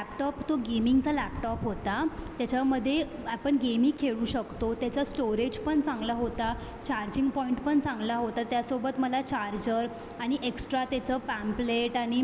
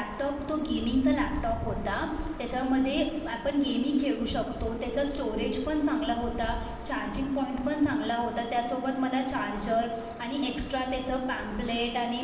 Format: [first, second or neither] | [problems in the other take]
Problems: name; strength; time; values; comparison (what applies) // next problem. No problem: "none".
first | room echo; dies away in 1.1 s